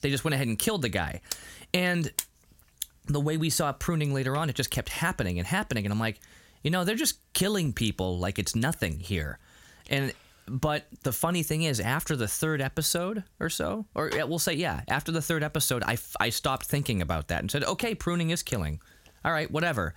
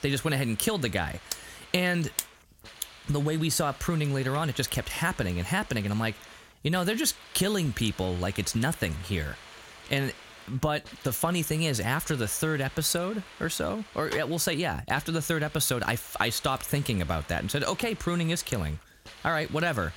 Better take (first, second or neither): first